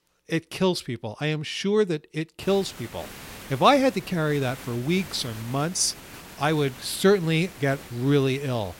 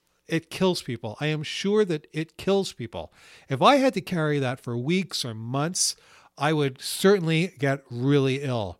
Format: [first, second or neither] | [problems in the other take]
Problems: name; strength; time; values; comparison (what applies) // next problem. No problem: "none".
second | hiss; noticeable; from 2.5 s on; 15 dB below the speech